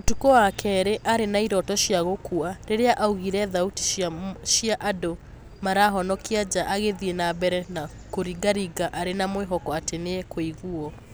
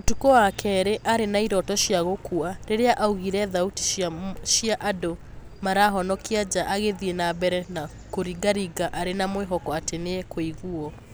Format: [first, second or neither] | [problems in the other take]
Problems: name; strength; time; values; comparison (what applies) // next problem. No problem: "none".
first | background sound (Splash, splatter); 18 dB below the speech